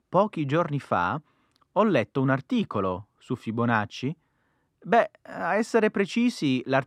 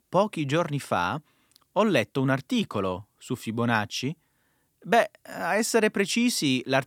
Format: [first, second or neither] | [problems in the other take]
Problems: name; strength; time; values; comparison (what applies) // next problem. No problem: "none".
second | muffled; slightly; fading above 1.5 kHz